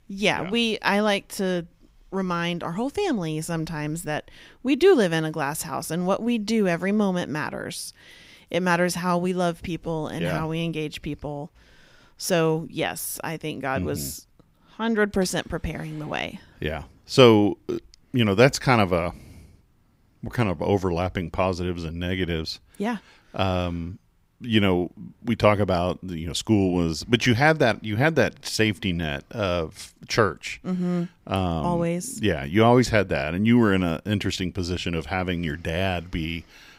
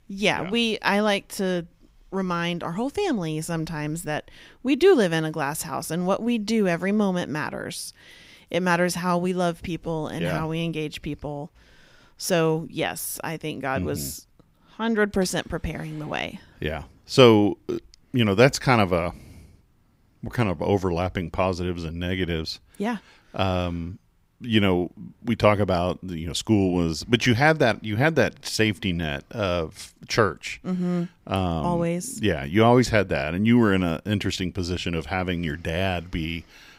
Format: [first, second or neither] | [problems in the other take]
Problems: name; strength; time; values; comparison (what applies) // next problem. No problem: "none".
neither | none